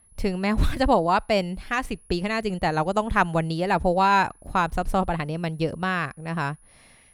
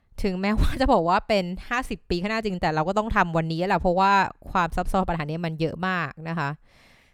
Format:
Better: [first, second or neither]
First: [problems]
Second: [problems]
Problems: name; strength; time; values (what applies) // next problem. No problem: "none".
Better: second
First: high-pitched whine; faint; throughout; 10.5 kHz, 30 dB below the speech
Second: none